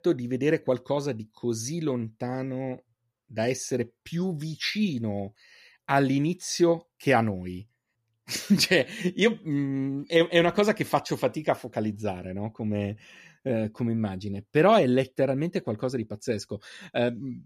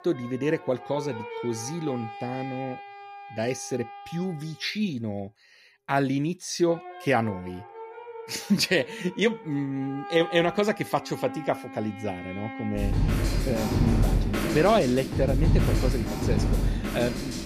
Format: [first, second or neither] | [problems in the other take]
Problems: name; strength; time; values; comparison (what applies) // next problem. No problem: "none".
first | background music; loud; throughout; 2 dB below the speech